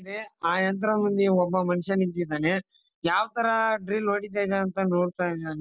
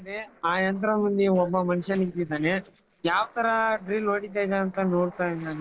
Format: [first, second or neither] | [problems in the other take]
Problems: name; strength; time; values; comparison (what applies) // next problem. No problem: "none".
first | noise reduction (neural separator model SepFormer DNS4)